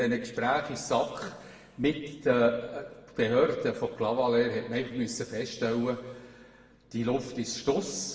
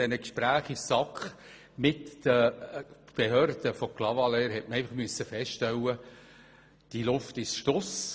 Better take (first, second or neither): second